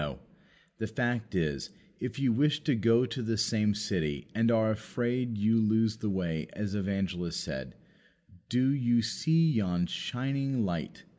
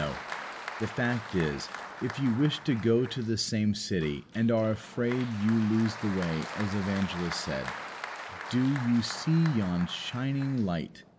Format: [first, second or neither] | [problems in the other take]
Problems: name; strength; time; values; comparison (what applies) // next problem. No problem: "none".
first | background sound (Applause); 12 dB below the speech